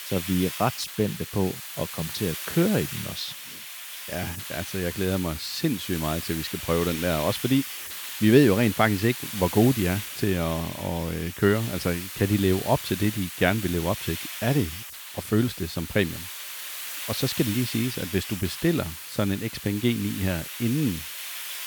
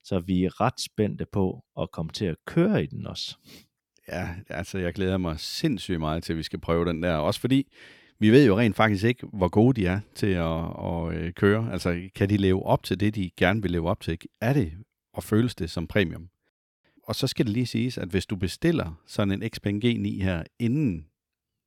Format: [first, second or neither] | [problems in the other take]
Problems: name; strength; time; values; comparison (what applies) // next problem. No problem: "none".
second | hiss; loud; throughout; 7 dB below the speech